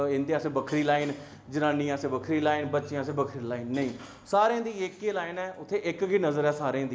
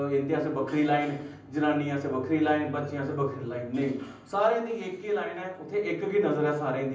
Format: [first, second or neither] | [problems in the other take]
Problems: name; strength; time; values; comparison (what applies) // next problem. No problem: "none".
first | room echo; dies away in 0.6 s